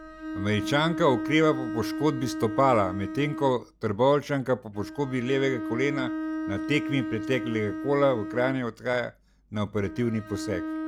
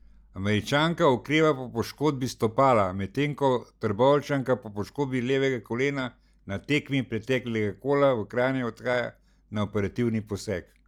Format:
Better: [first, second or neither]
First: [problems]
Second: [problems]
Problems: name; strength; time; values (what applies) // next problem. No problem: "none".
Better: second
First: background sound (Bowed string instrument); 7 dB below the speech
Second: none